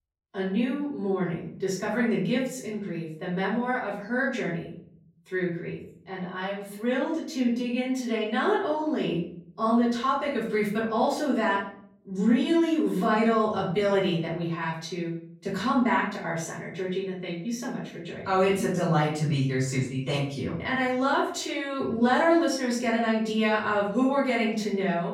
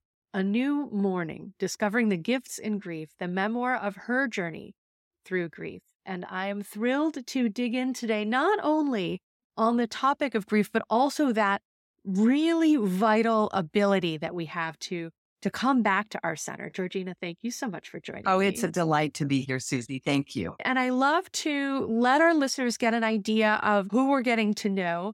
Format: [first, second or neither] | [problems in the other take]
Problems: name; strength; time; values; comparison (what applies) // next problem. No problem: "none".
second | off-mic speech; far // room echo; noticeable; dies away in 0.7 s